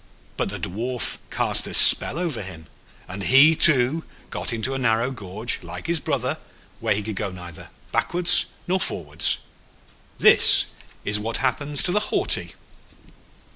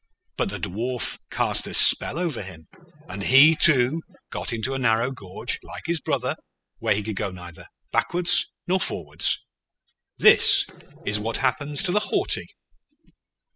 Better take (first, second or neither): first